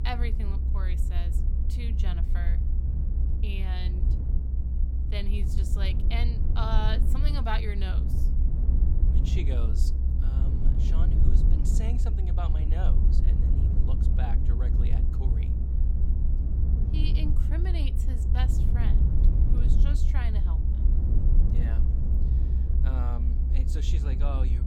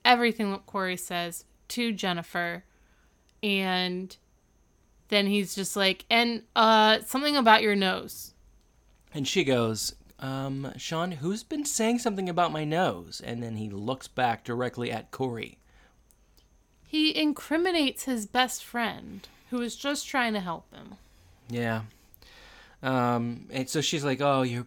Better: second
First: low rumble; loud; throughout; 3 dB below the speech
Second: none

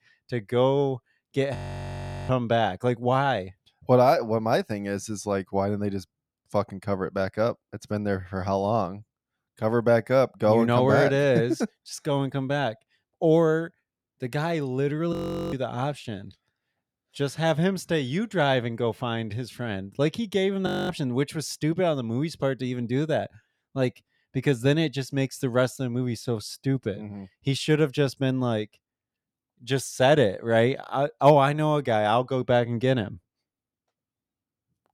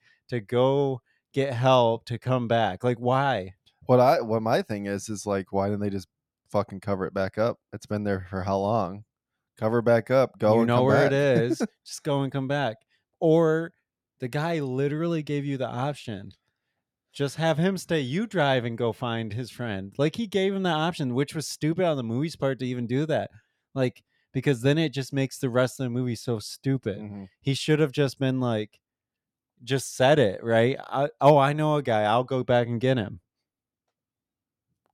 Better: second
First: audio freezing; at 1.5 s for 0.5 s, at 15 s and at 21 s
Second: none

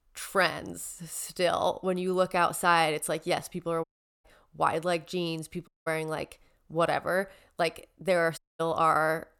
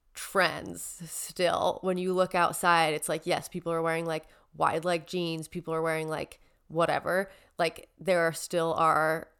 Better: second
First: audio cutting out; at 4 s, at 5.5 s and at 8.5 s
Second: none

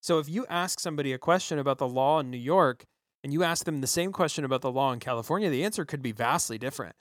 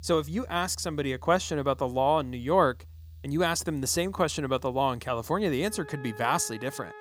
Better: first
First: none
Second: background music; noticeable; throughout; 20 dB below the speech

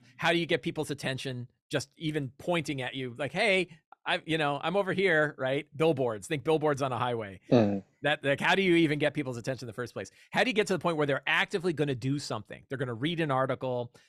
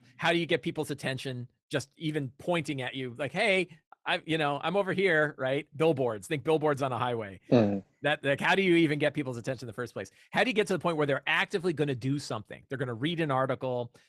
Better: first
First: none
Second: garbled, watery; slightly; nothing above 13.5 kHz

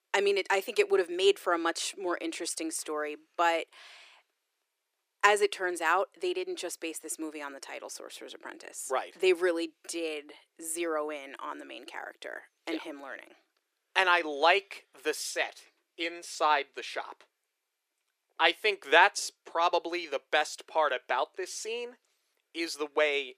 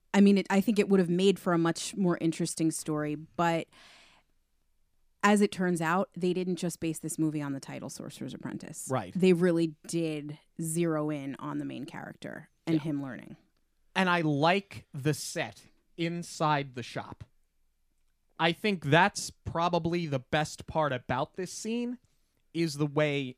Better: second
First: thin; very; fading below 400 Hz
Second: none

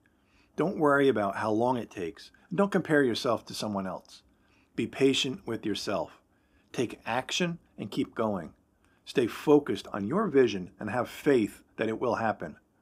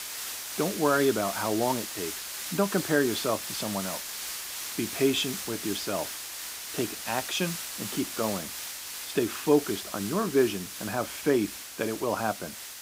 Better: first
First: none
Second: hiss; loud; throughout; 5 dB below the speech

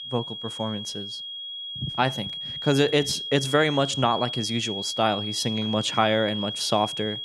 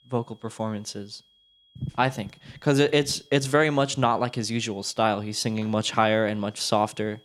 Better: second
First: high-pitched whine; loud; throughout; 3.5 kHz, 6 dB below the speech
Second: high-pitched whine; faint; throughout; 3.5 kHz, 30 dB below the speech

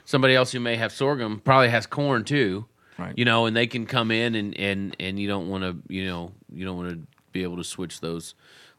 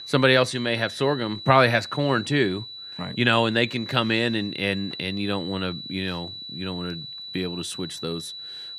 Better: first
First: none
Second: high-pitched whine; noticeable; throughout; 4 kHz, 10 dB below the speech

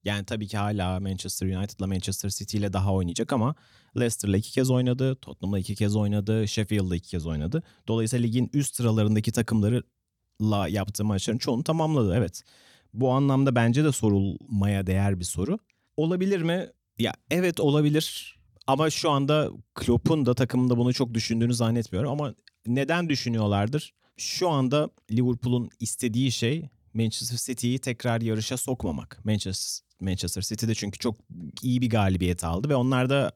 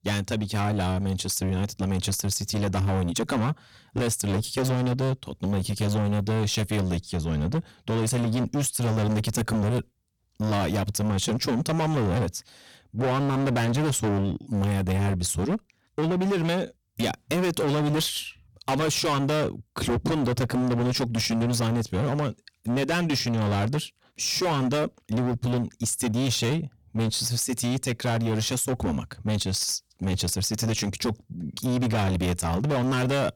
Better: first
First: none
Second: distortion; heavy; 26% of the sound clipped

